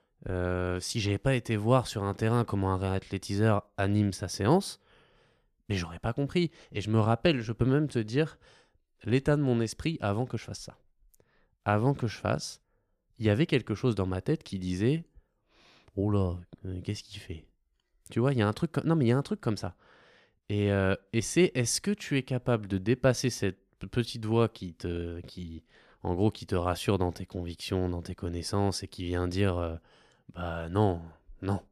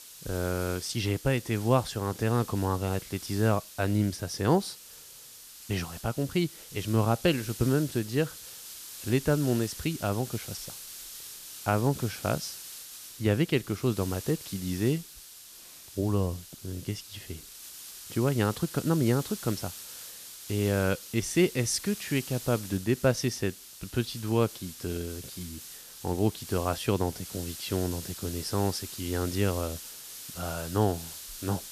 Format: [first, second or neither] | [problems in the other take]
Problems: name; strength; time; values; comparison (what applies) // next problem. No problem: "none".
first | hiss; noticeable; throughout; 10 dB below the speech